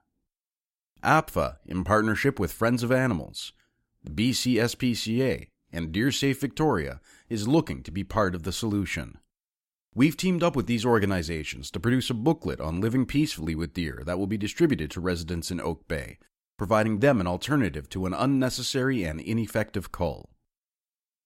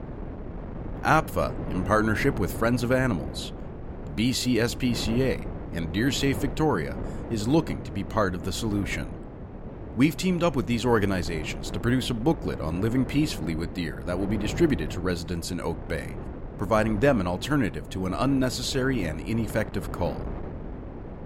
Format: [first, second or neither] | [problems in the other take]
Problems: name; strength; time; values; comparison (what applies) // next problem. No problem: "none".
first | wind noise on the microphone; occasional gusts; 15 dB below the speech